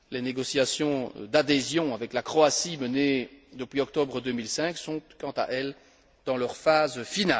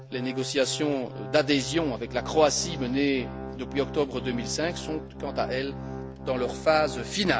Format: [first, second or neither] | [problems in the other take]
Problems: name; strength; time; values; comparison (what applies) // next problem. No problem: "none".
first | background sound (Organ); 10 dB below the speech